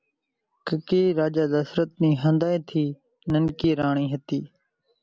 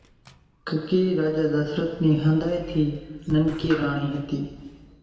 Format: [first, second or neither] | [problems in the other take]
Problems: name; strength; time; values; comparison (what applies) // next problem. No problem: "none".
first | background sound (Sliding door); 19 dB below the speech // room echo; dies away in 1.4 s